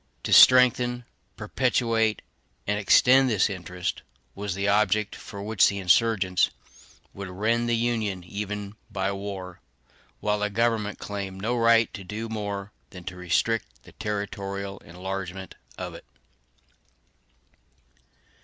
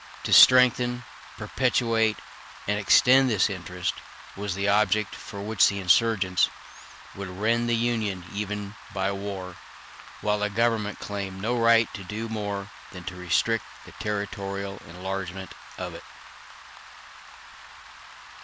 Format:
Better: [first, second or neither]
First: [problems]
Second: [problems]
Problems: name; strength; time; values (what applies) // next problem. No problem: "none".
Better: first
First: none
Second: background sound (Rain); 17 dB below the speech